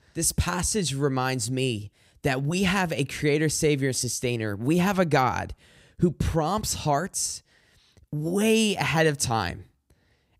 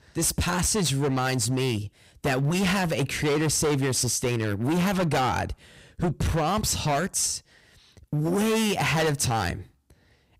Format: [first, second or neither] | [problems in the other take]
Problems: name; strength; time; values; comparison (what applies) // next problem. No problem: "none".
first | distortion; heavy; 20% of the sound clipped